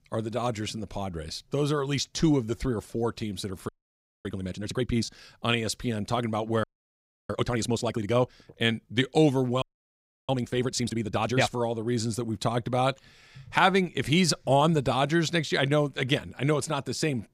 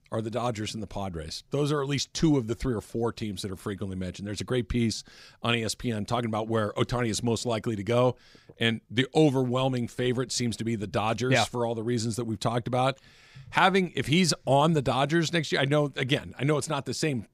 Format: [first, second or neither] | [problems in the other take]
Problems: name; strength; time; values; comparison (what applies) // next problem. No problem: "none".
second | audio freezing; at 3.5 s for 0.5 s, at 6.5 s for 0.5 s and at 9.5 s for 0.5 s